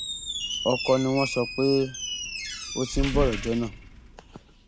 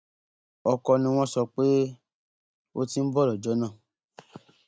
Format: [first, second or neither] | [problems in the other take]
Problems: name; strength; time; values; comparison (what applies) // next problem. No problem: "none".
second | background sound (Squeak); 5 dB below the speech